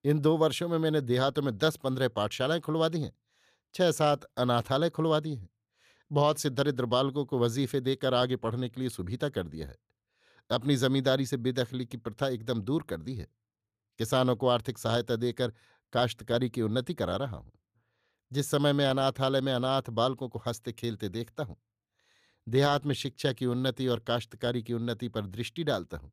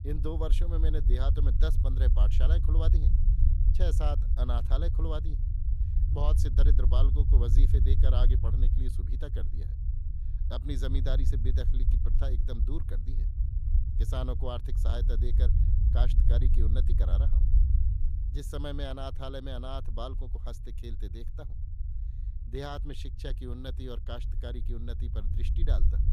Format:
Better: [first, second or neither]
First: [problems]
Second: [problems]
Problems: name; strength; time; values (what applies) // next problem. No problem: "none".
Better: first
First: none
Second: low rumble; loud; throughout; 6 dB below the speech